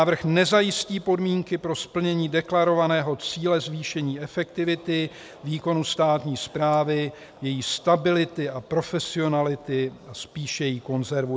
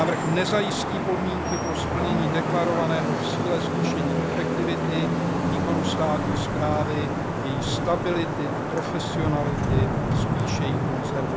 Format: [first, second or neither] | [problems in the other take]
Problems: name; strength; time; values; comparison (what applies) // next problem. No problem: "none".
first | background sound (Traffic noise, roadway noise / Vehicle horn, car horn, honking); 4 dB above the speech